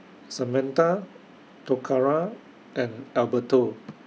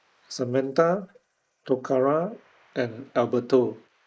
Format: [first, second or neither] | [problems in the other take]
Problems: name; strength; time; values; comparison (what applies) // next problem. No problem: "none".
first | noise reduction (neural mask model Resemble Enhance denoiser)